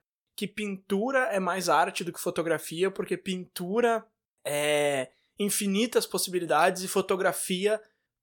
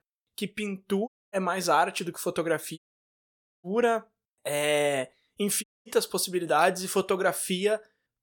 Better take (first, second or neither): first